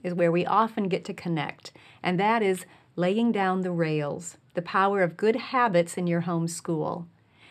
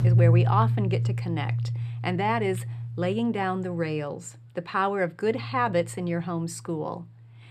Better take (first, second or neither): first